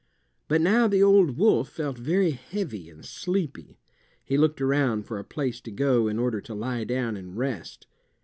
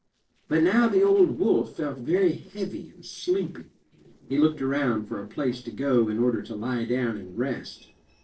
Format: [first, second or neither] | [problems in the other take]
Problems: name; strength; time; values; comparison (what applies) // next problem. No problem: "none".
first | noise reduction (neural separator model SepFormer DNS4)